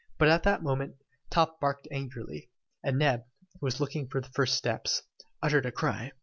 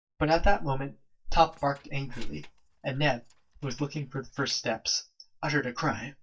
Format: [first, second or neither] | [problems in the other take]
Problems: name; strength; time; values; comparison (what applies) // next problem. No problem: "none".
first | noise reduction (neural mask model DeepFilterNet 3)